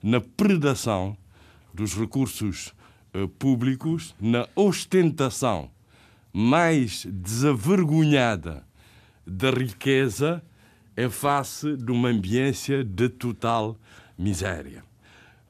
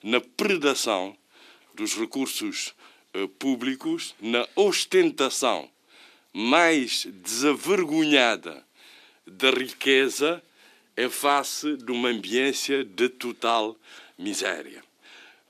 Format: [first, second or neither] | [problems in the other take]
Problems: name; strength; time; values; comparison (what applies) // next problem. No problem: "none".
first | thin; somewhat; fading below 300 Hz